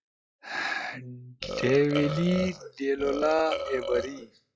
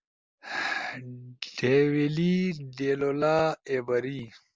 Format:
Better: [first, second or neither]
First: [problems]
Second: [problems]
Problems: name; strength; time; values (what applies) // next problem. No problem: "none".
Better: second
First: noise reduction (classical method log-MMSE)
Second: none